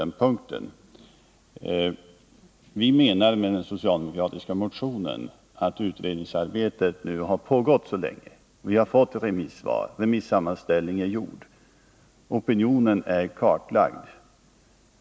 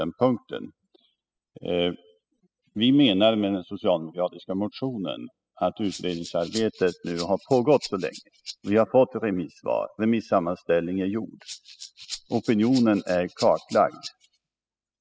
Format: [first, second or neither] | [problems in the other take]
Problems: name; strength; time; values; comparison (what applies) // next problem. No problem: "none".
first | noise reduction (classical method spectral subtraction)